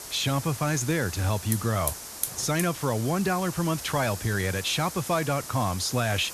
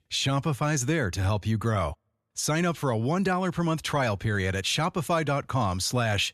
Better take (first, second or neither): second